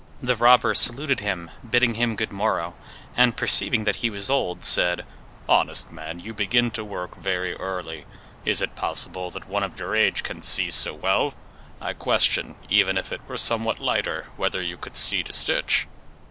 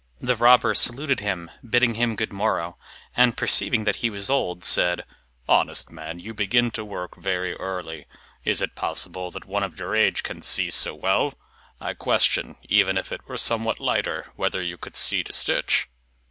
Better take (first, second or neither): second